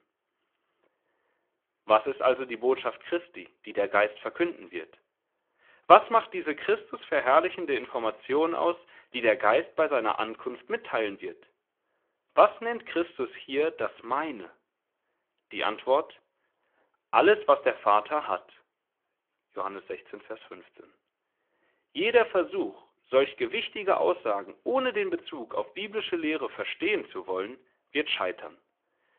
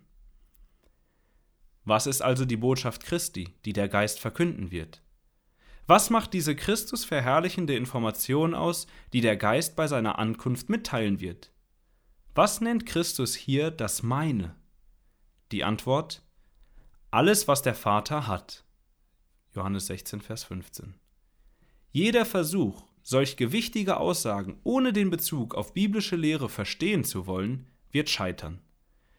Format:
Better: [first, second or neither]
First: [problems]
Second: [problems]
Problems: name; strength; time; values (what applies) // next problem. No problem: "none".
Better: second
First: phone-call audio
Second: none